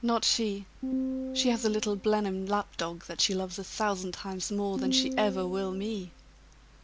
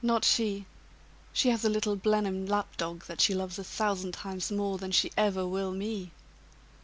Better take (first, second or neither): second